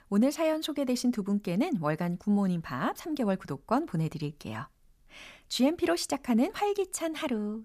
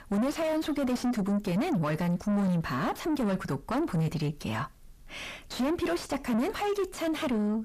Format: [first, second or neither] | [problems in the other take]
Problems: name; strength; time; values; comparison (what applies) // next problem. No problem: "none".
first | distortion; heavy; 5 dB below the speech